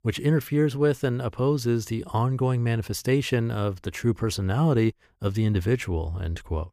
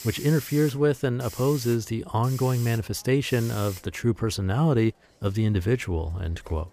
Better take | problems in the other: first | hiss; noticeable; throughout; 15 dB below the speech

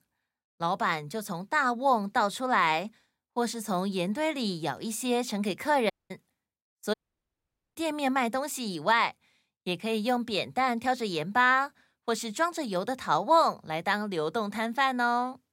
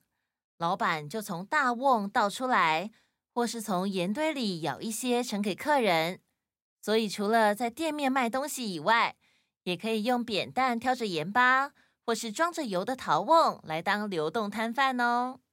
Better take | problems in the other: second | audio cutting out; at 6 s and at 7 s for 1 s

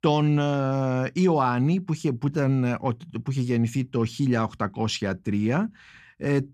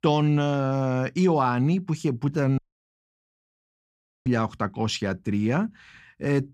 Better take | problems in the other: first | audio cutting out; at 2.5 s for 1.5 s

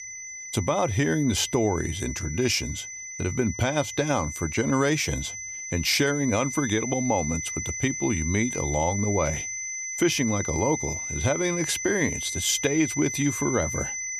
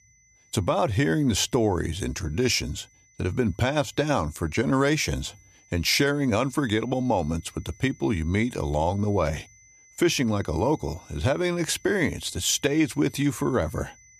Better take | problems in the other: second | high-pitched whine; loud; throughout; 6 kHz, 5 dB below the speech; faint in the second

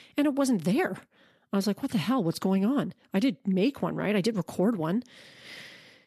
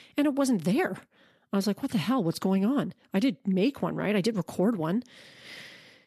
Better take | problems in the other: neither | none

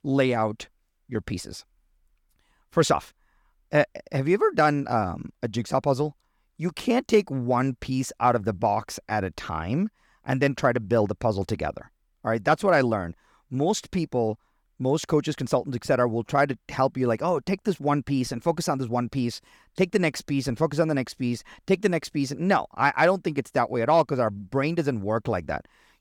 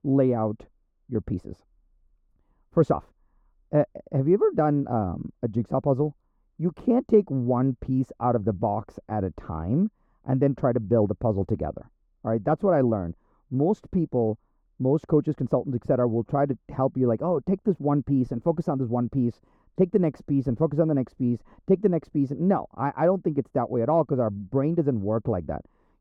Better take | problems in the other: first | muffled; very; fading above 1.5 kHz

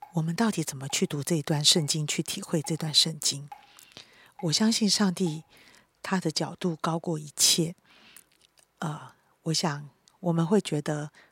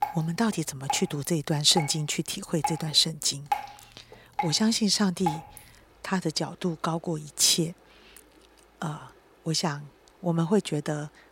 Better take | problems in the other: first | rain or running water; loud; throughout; 9 dB below the speech; faint in the first

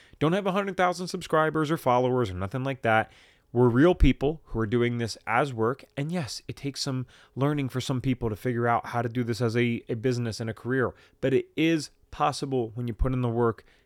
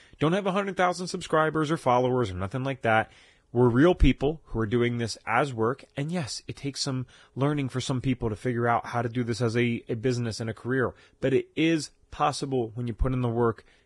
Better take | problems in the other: first | garbled, watery; badly; nothing above 10.5 kHz

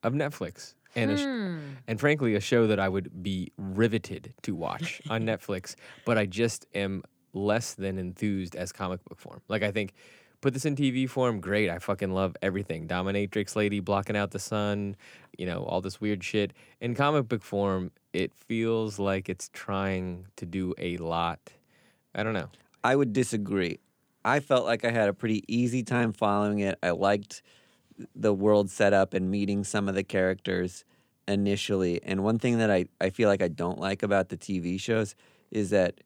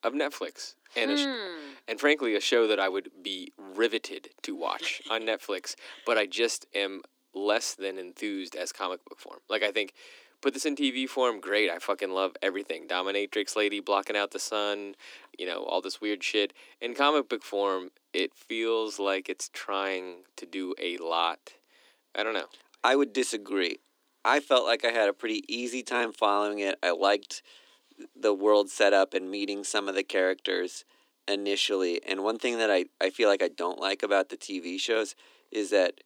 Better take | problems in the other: first | thin; somewhat; fading below 300 Hz

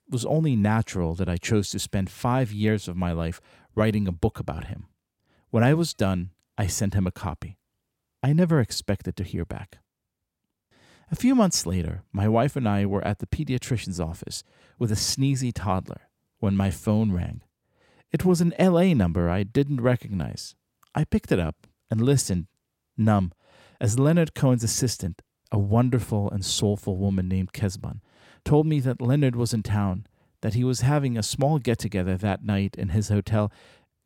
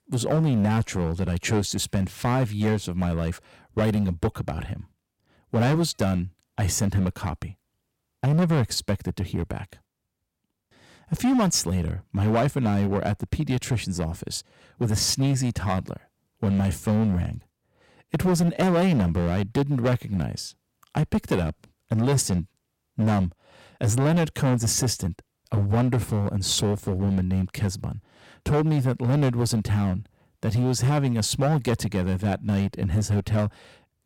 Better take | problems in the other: first | distortion; slight; 10% of the sound clipped

